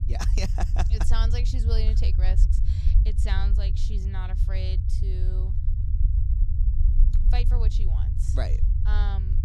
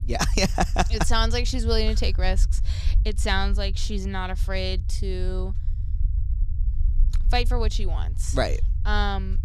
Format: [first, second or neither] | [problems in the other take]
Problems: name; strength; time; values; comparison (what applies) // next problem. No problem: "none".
second | low rumble; loud; throughout; 6 dB below the speech; faint in the second